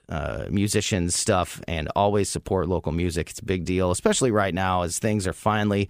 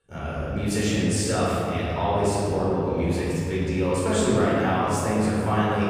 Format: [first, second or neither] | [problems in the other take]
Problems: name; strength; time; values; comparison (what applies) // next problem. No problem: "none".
first | room echo; strong; dies away in 2.8 s // off-mic speech; far